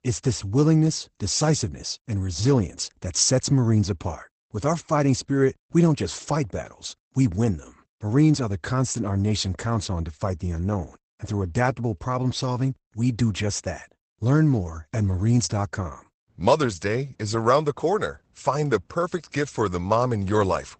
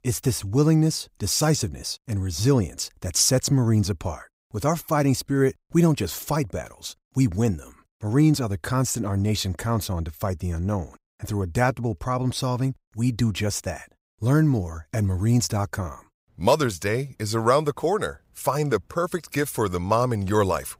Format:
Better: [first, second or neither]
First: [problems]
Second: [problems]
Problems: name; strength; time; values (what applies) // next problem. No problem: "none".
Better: second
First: garbled, watery; badly; nothing above 8 kHz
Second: none